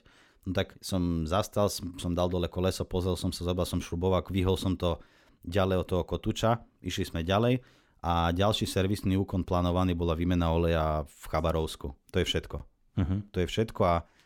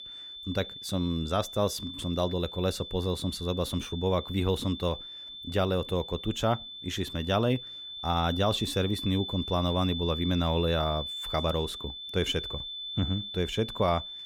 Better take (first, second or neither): first